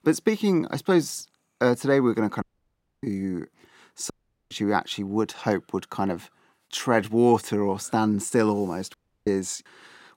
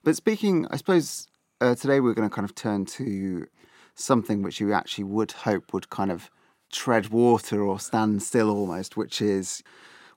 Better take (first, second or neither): second